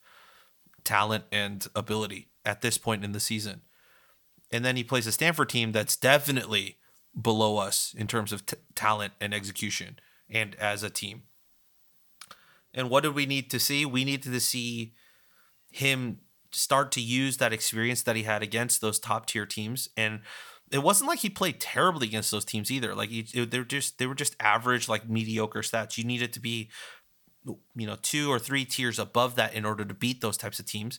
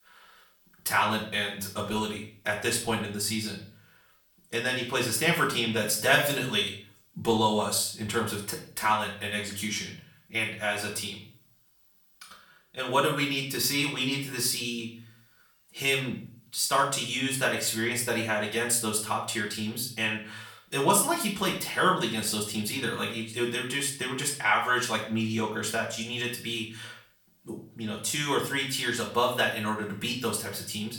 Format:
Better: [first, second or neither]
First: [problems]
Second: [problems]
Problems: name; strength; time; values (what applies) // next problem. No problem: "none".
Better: first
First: none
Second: off-mic speech; far // room echo; slight; dies away in 0.4 s